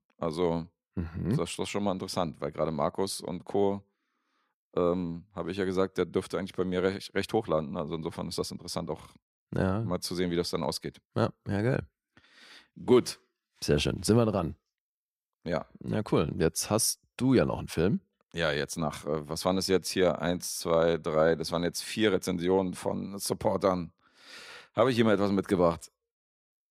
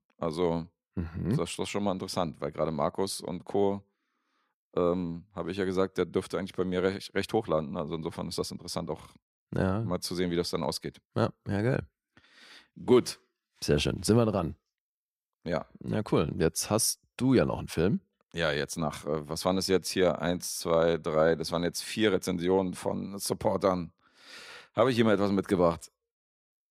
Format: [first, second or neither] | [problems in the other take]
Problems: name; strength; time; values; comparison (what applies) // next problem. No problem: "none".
neither | none